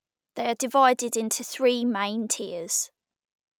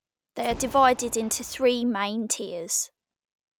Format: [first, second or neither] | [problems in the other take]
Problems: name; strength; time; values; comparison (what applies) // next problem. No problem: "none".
first | background sound (Boom); 19 dB below the speech